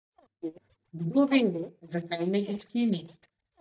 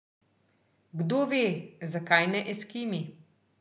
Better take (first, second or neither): second